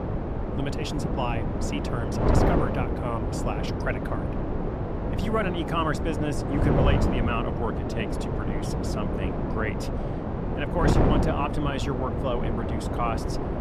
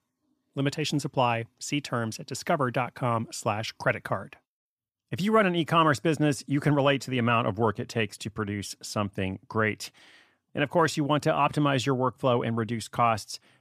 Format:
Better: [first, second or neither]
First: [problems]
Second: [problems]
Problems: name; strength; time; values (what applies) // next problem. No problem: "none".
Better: second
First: wind noise on the microphone; heavy; as loud as the speech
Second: none